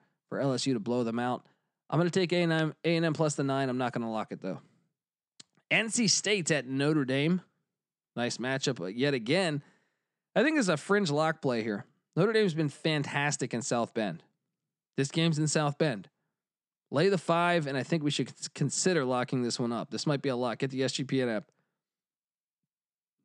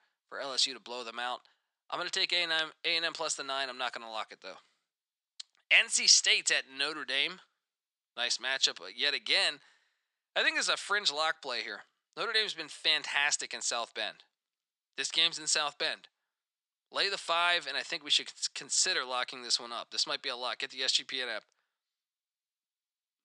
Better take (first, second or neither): first